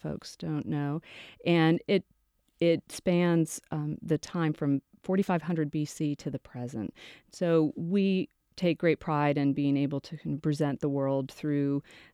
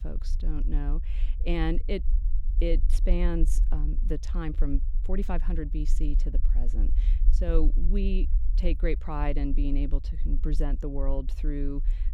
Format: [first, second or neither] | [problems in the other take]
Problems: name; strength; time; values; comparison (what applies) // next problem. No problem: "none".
first | low rumble; noticeable; throughout; 15 dB below the speech